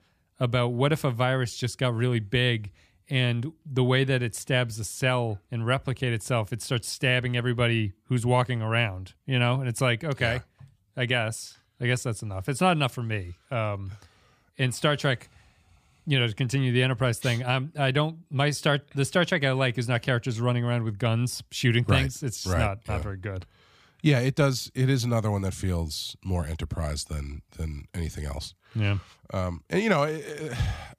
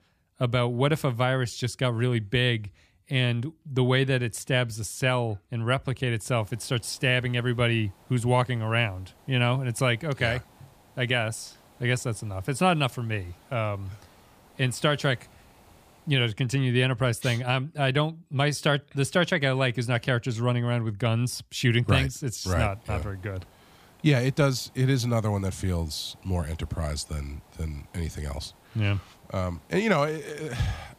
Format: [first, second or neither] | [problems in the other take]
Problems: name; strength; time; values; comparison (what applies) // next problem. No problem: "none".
first | hiss; faint; from 6.5 to 16 s and from 22 s on; 30 dB below the speech